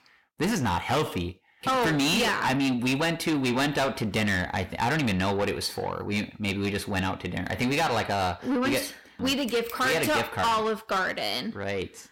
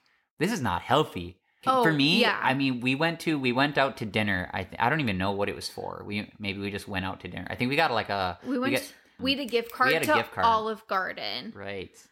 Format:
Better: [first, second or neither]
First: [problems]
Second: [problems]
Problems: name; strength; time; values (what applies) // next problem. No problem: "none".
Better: second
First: distortion; heavy; 6 dB below the speech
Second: none